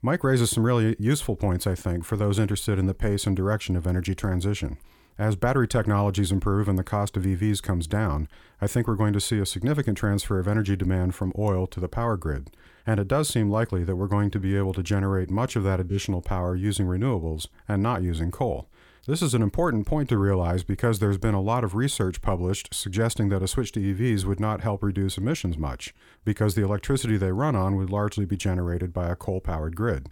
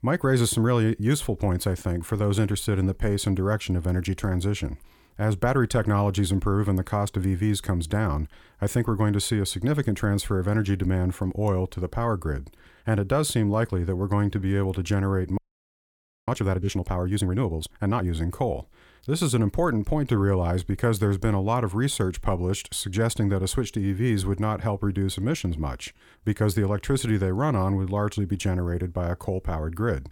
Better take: first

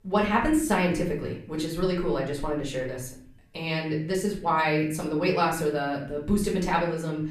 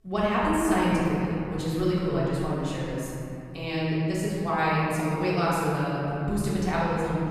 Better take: first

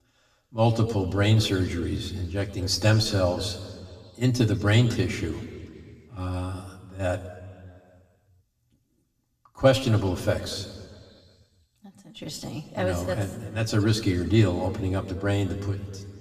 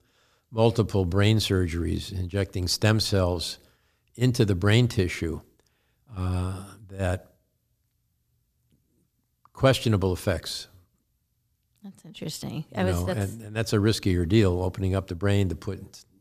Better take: second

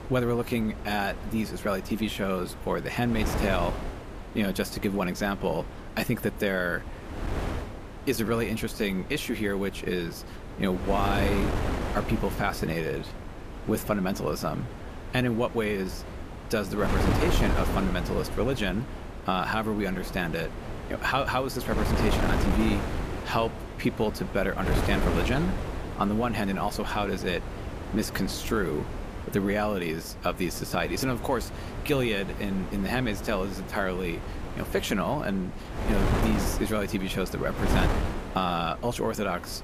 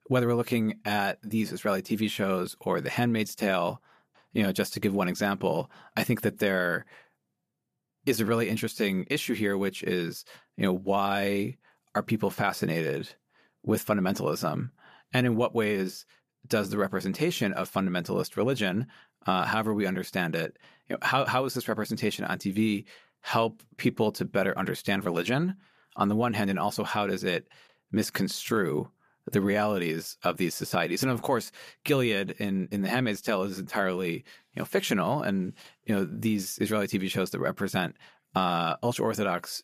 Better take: second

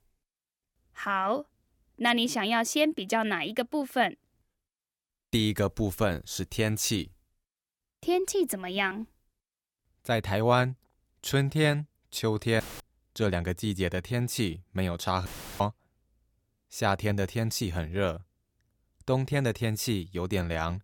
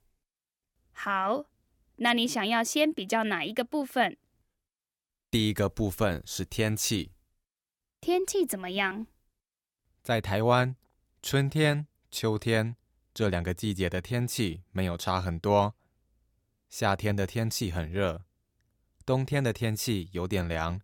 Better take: second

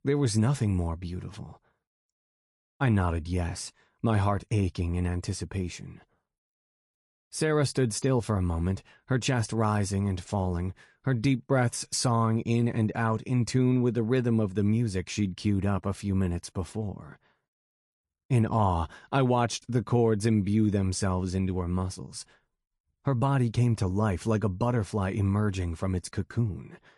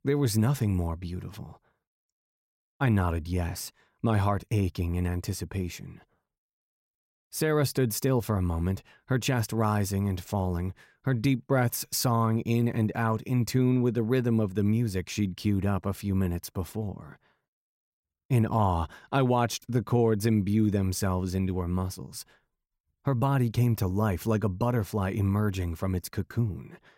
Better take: second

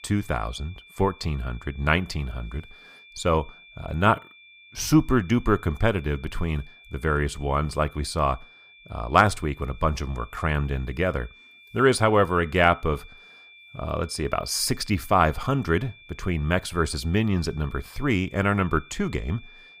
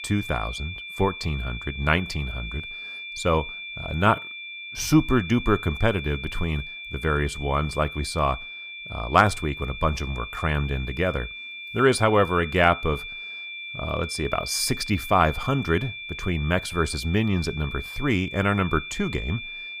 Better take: first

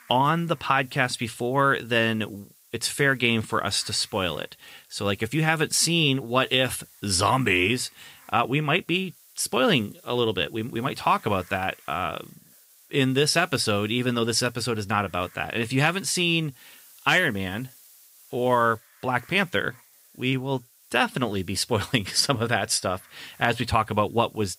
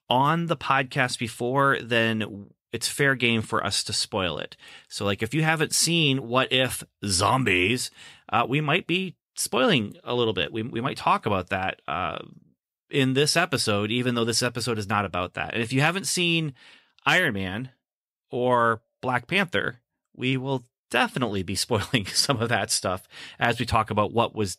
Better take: second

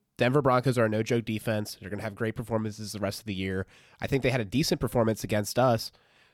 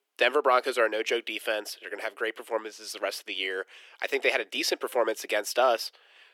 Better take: first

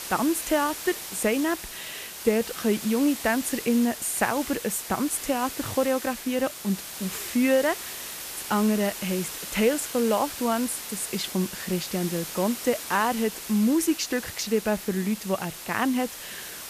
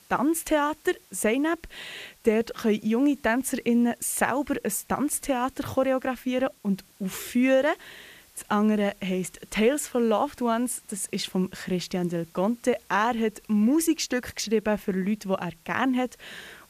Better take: second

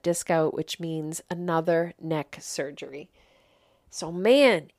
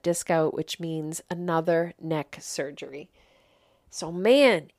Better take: neither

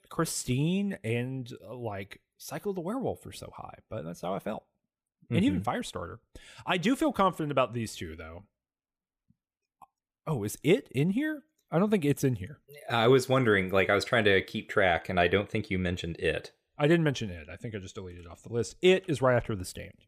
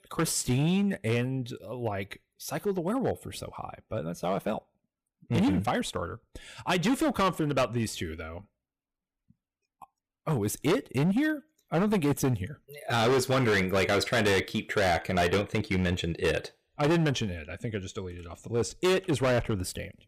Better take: first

